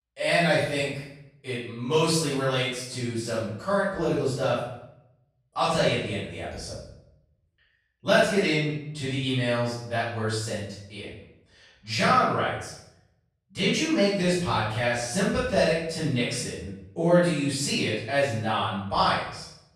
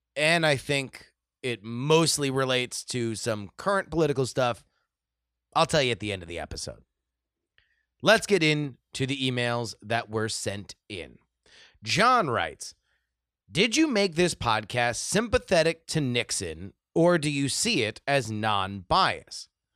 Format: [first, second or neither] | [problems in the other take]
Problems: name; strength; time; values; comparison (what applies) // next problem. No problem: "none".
second | room echo; strong; dies away in 0.7 s // off-mic speech; far